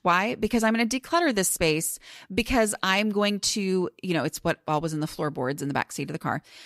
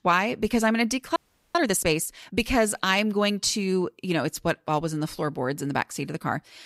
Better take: first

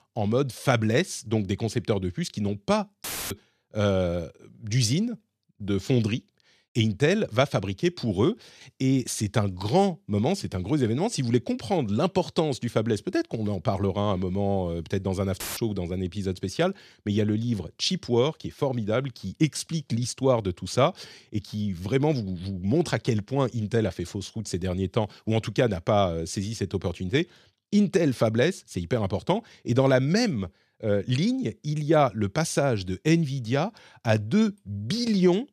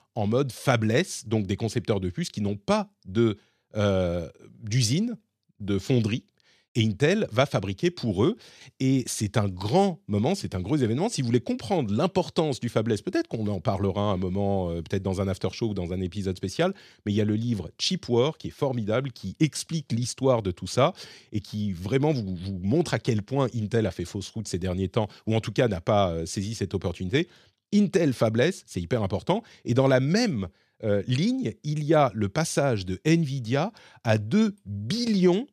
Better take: second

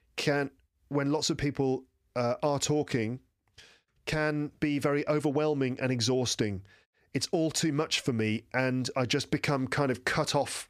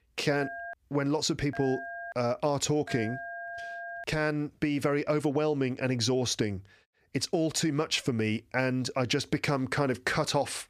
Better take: first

